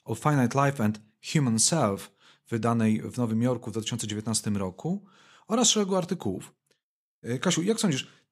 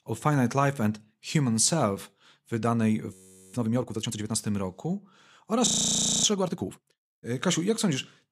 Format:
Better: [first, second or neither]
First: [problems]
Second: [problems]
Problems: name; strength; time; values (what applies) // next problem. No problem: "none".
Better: first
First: none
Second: audio freezing; at 3 s and at 5.5 s for 0.5 s